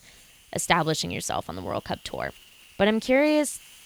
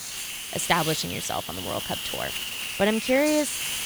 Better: first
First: hiss; faint; throughout; 25 dB below the speech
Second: hiss; loud; throughout; 4 dB below the speech

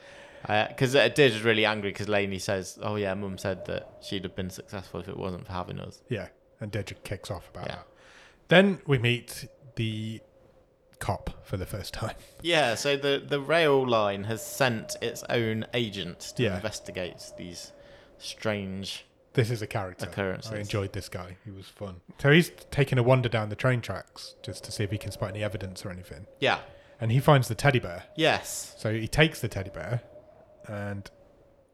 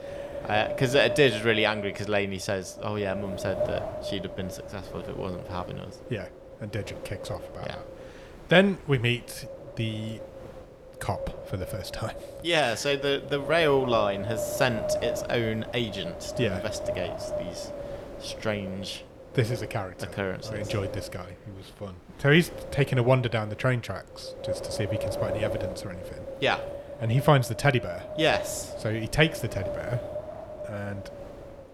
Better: first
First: wind noise on the microphone; occasional gusts; 25 dB below the speech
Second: wind noise on the microphone; heavy; 8 dB below the speech

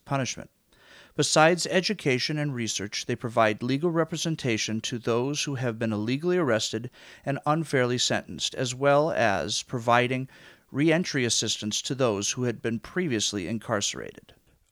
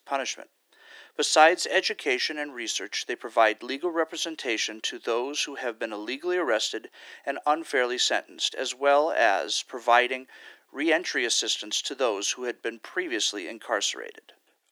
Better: first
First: none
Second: thin; very; fading below 300 Hz

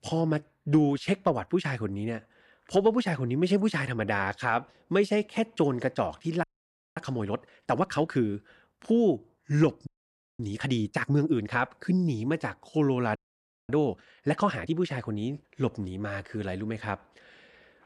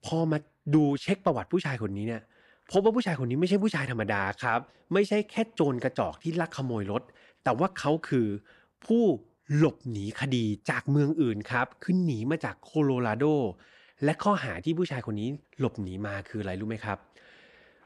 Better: second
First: audio freezing; at 6.5 s for 0.5 s, at 10 s for 0.5 s and at 13 s for 0.5 s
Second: none

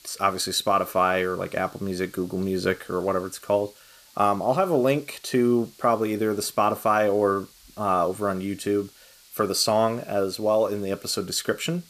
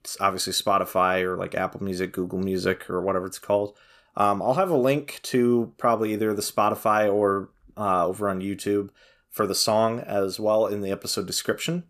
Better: second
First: hiss; faint; throughout; 25 dB below the speech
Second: none

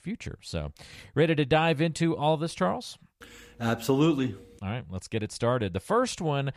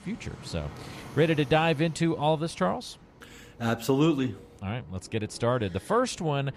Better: first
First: none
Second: train or aircraft noise; faint; throughout; 20 dB below the speech

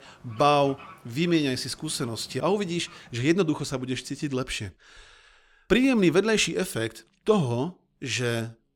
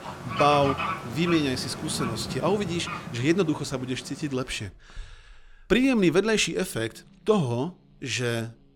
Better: first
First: animal sounds; faint; throughout; 25 dB below the speech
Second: animal sounds; loud; throughout; 7 dB below the speech

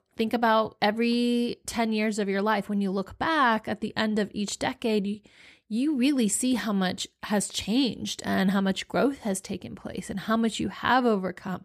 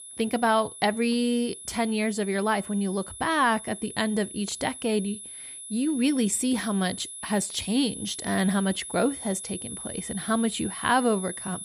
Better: first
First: none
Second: high-pitched whine; noticeable; throughout; 10.5 kHz, 10 dB below the speech

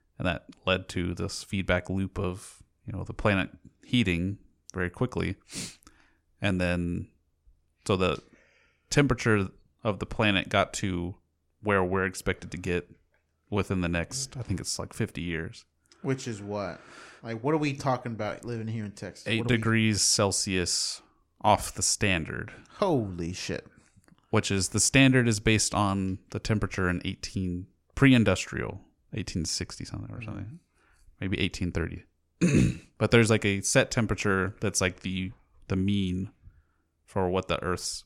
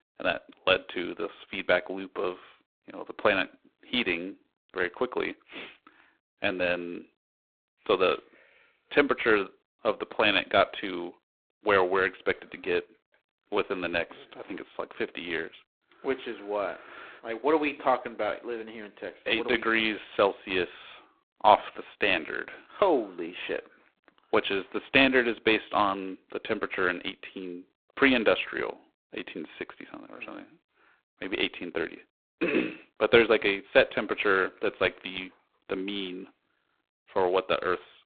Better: first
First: none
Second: phone-call audio; poor line

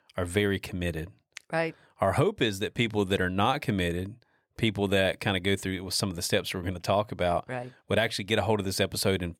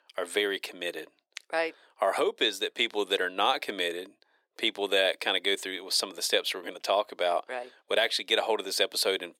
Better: first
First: none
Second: thin; very; fading below 350 Hz

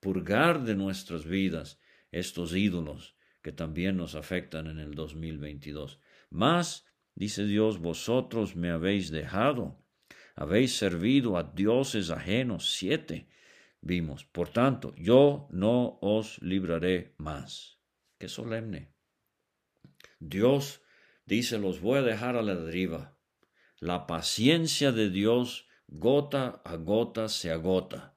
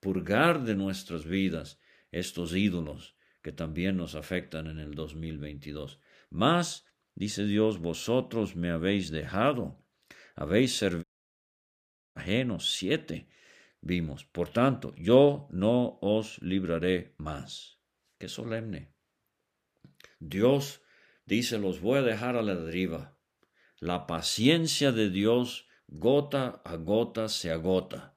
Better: first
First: none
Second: audio cutting out; at 11 s for 1 s

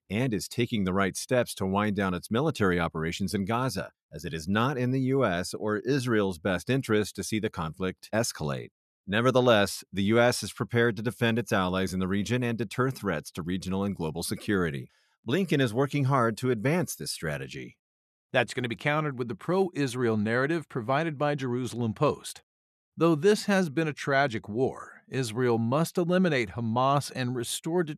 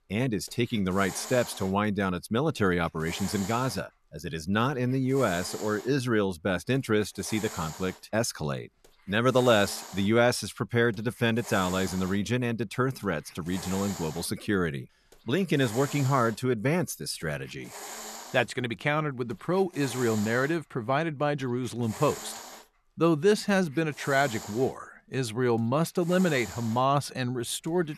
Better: first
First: none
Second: hiss; noticeable; throughout; 15 dB below the speech

